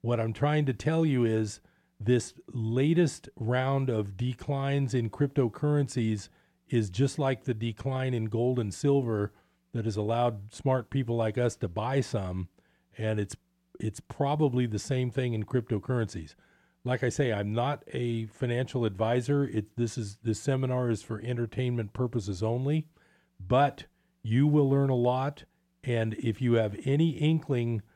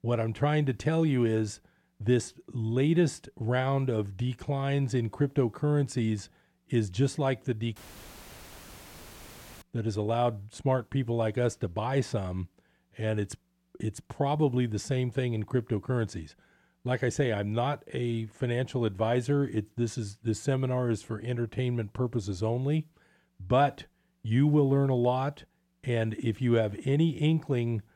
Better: first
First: none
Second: audio cutting out; filled with static; at 8 s for 2 s

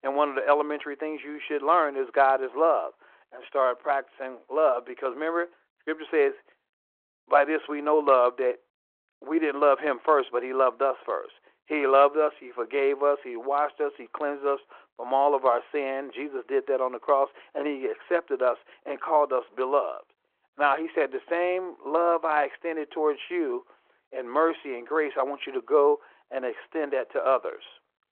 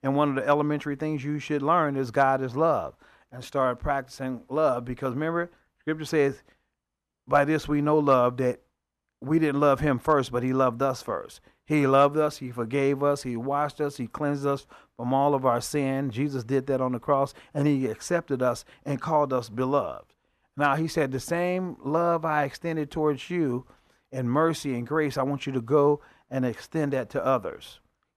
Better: second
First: phone-call audio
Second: none

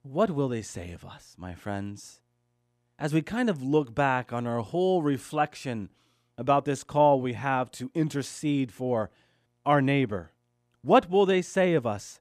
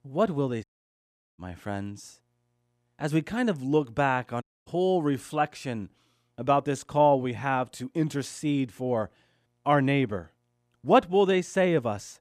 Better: first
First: none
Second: audio cutting out; at 0.5 s for 0.5 s and at 4.5 s

